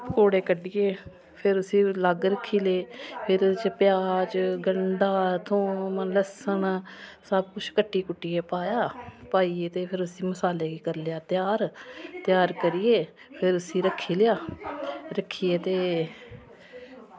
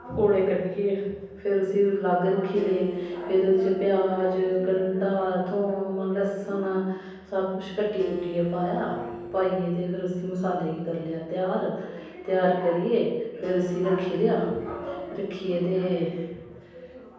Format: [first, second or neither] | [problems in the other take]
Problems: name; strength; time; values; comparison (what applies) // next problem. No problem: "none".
first | background sound (Acoustic guitar); 14 dB below the speech // room echo; dies away in 1.1 s